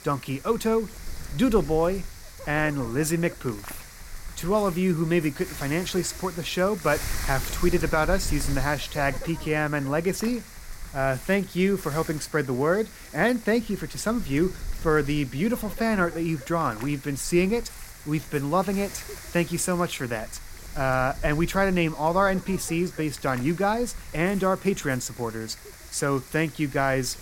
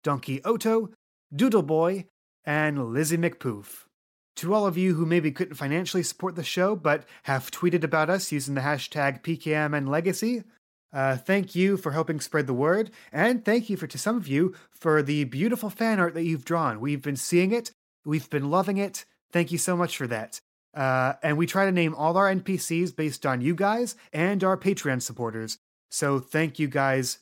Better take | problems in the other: second | wind noise on the microphone; occasional gusts; 15 dB below the speech

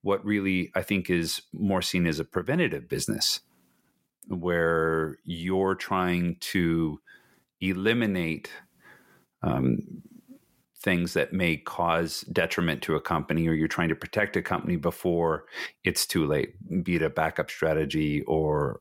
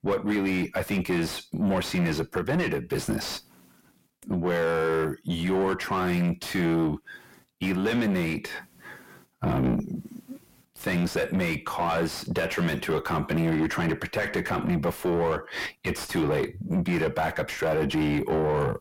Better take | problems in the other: first | distortion; heavy; 6 dB below the speech

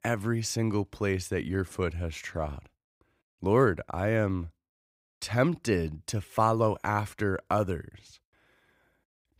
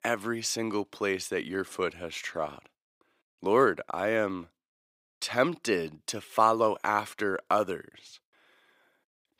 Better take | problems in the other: first | thin; somewhat; fading below 300 Hz

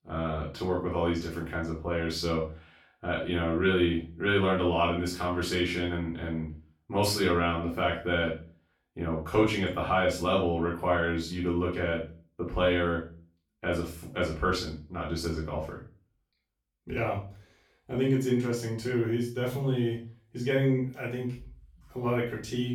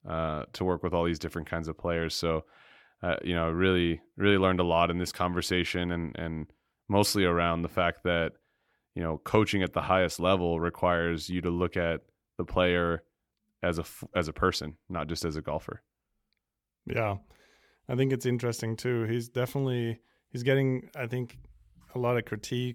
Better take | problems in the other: second | off-mic speech; far // room echo; noticeable; dies away in 0.3 s

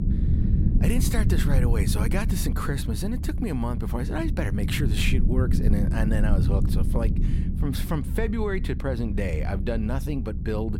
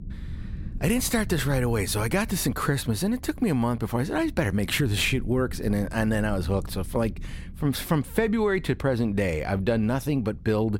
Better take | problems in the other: second | low rumble; loud; throughout; 6 dB below the speech; faint in the second

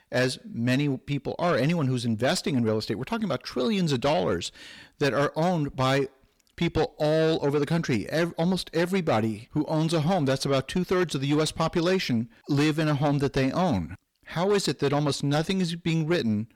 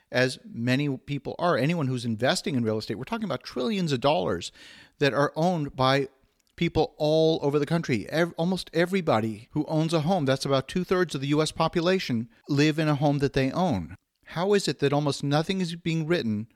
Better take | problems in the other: second | distortion; slight; 10 dB below the speech

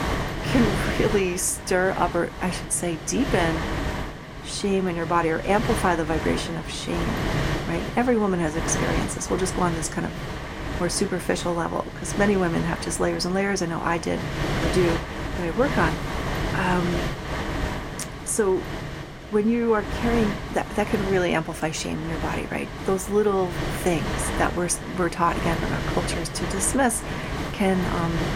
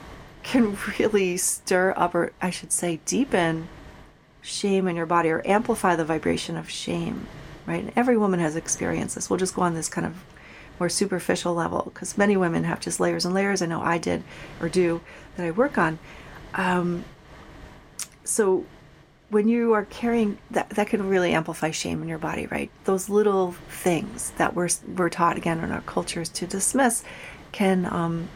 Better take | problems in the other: second | wind noise on the microphone; heavy; 5 dB below the speech; occasional gusts in the second

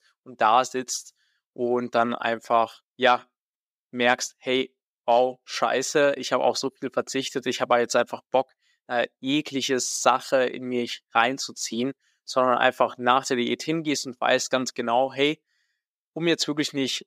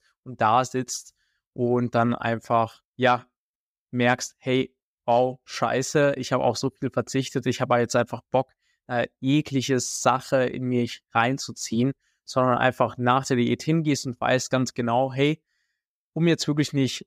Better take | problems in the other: second | thin; very slightly; fading below 300 Hz

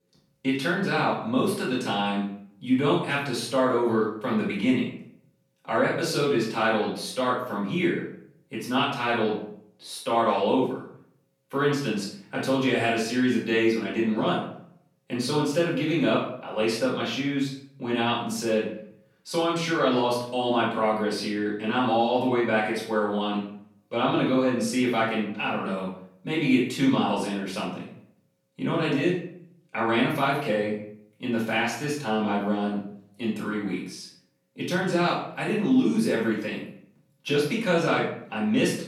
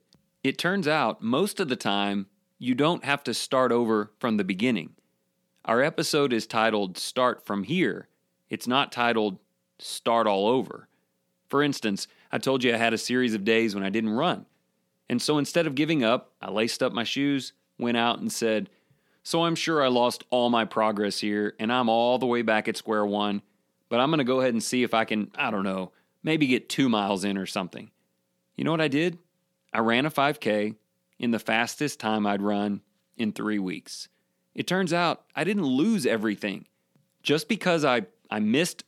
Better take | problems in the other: second | off-mic speech; far // room echo; noticeable; dies away in 0.5 s

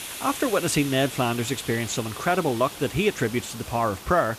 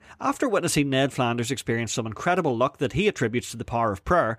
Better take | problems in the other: second | hiss; noticeable; throughout; 10 dB below the speech

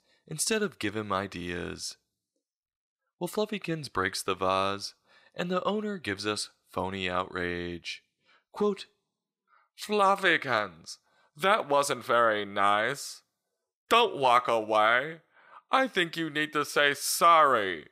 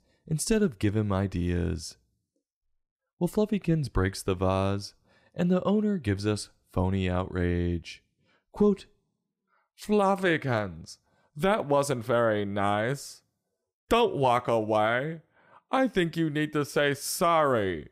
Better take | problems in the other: second | thin; somewhat; fading below 650 Hz

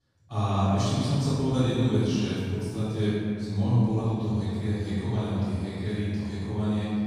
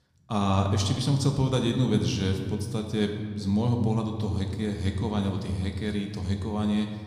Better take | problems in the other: second | room echo; strong; dies away in 2 s; slight in the second // off-mic speech; far

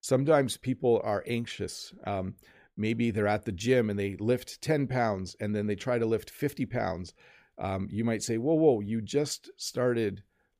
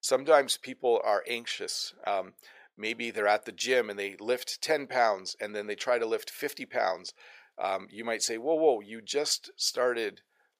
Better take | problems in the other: first | thin; very; fading below 700 Hz

